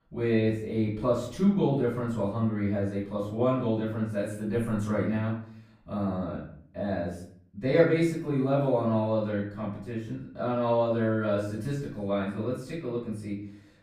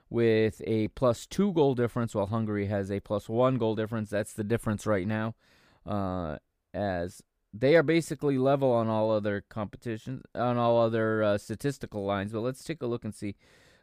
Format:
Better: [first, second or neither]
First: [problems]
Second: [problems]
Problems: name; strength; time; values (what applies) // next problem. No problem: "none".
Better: second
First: off-mic speech; far // room echo; noticeable; dies away in 0.6 s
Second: none